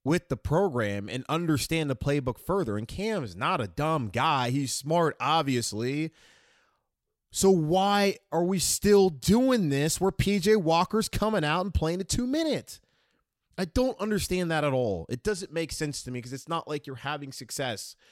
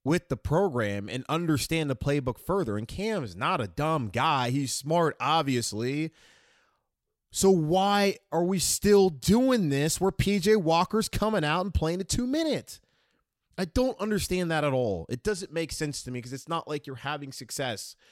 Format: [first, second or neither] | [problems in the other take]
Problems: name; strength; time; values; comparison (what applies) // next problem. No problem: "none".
neither | none